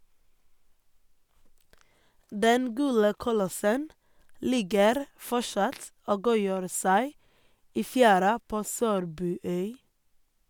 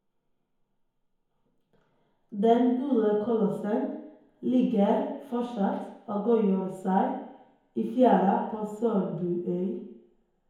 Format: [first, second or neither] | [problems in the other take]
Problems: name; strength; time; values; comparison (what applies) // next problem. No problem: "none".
first | room echo; dies away in 0.9 s